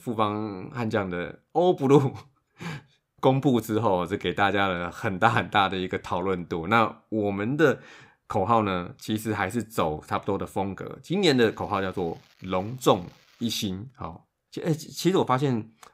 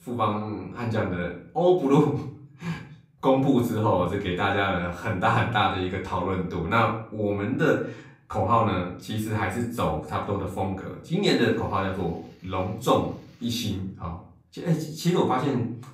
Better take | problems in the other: first | off-mic speech; far // room echo; slight; dies away in 0.5 s

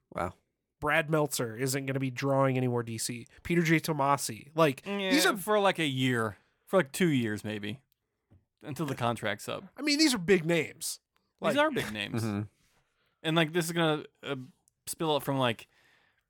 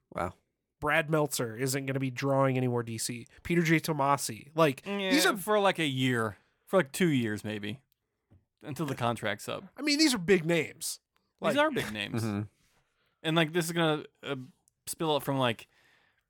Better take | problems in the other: neither | none

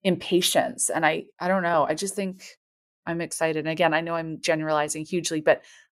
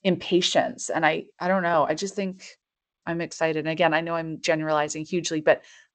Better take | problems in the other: first | garbled, watery; slightly; nothing above 8 kHz

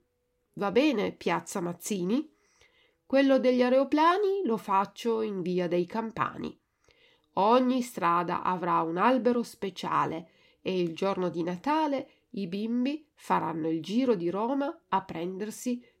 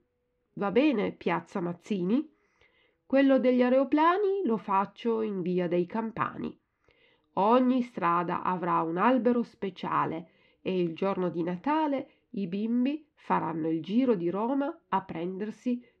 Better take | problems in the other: first | muffled; slightly; fading above 2.5 kHz

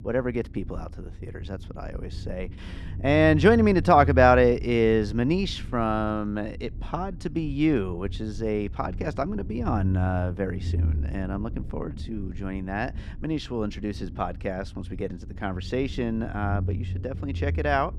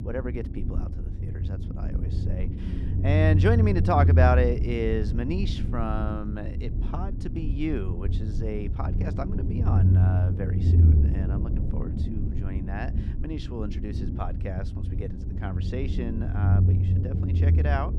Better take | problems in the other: first | low rumble; loud; throughout; 8 dB below the speech; faint in the first

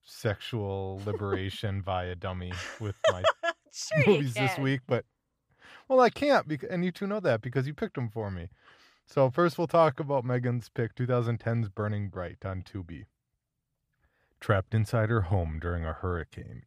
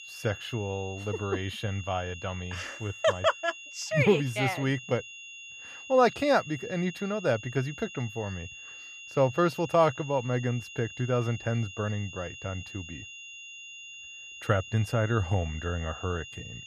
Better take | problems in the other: first | high-pitched whine; noticeable; throughout; 3 kHz, 15 dB below the speech

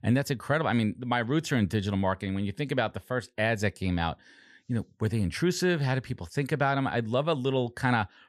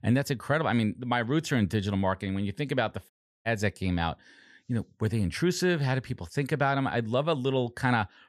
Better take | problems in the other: first | audio cutting out; at 3 s

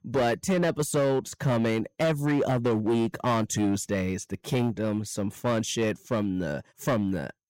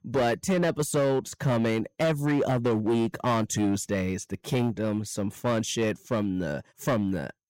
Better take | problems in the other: neither | distortion; slight; 11% of the sound clipped; the same in both

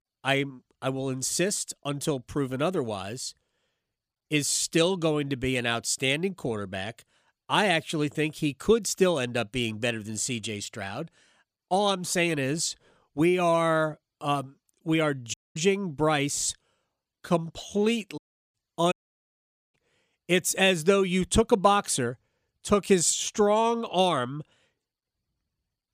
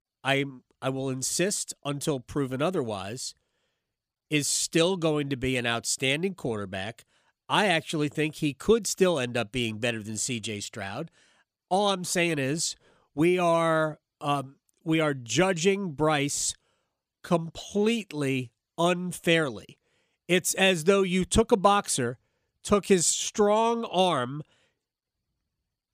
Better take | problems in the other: second | audio cutting out; at 15 s, at 18 s and at 19 s for 1 s

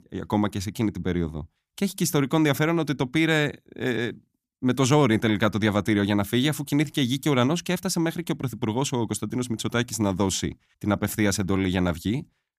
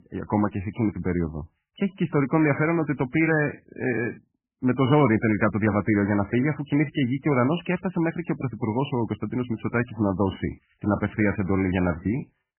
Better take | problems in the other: first | garbled, watery; badly; nothing above 3 kHz

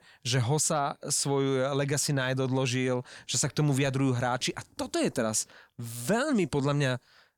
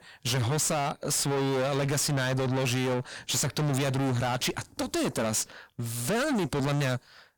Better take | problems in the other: first | distortion; heavy; 39% of the sound clipped

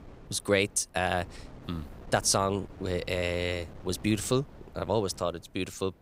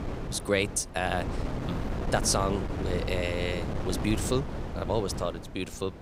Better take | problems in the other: first | wind noise on the microphone; heavy; 8 dB below the speech; occasional gusts in the first

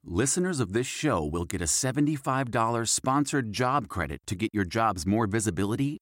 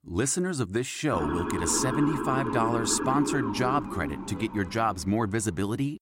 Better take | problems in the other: first | siren; noticeable; from 1 to 5 s; peak 2 dB below the speech

